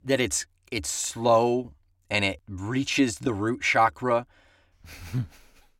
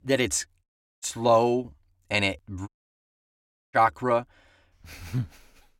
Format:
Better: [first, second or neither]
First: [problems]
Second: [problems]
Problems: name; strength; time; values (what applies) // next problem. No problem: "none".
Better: first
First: none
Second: audio cutting out; at 0.5 s and at 2.5 s for 1 s